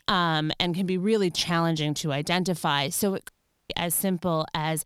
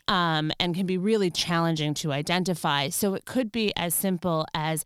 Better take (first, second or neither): second